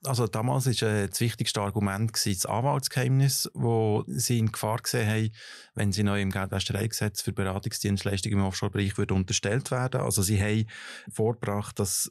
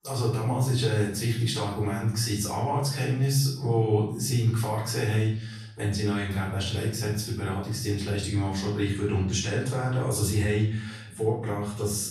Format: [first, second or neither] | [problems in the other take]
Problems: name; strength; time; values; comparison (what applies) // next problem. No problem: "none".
first | off-mic speech; far // room echo; noticeable; dies away in 0.6 s